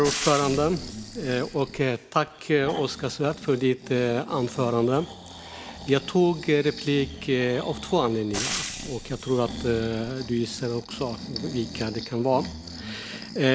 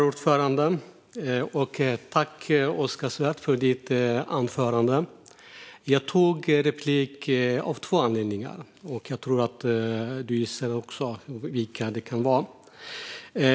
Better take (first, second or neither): second